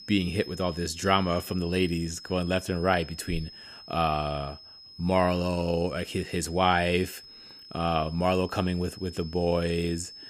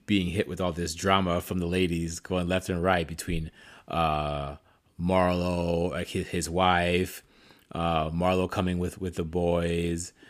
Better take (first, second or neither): second